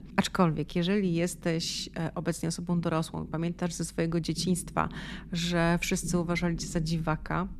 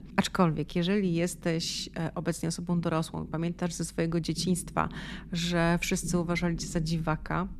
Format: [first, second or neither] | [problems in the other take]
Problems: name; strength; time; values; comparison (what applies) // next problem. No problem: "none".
neither | low rumble; noticeable; throughout; 20 dB below the speech; the same in both